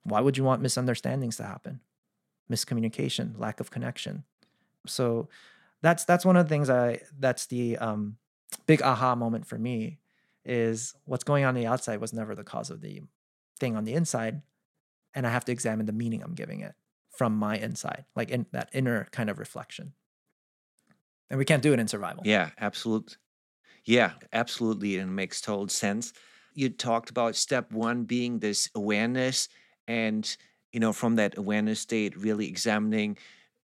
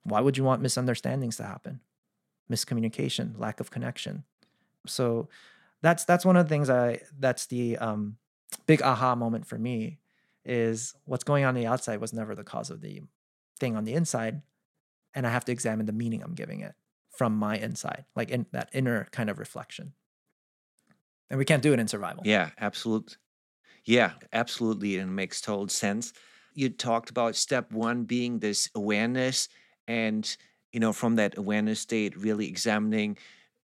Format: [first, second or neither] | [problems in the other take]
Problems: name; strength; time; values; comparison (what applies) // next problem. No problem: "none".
neither | none